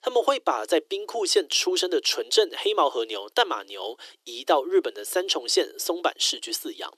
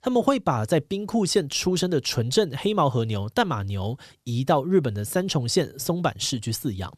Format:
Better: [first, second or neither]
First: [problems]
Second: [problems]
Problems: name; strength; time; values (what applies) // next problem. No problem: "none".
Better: second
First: thin; very; fading below 300 Hz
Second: none